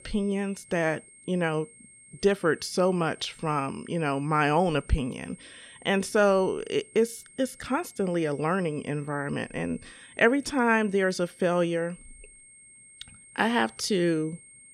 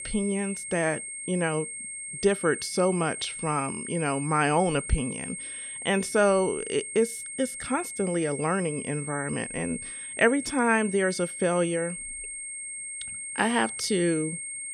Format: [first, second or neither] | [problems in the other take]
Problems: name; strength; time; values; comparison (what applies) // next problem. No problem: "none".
first | high-pitched whine; loud; throughout; 8.5 kHz, 7 dB below the speech; faint in the first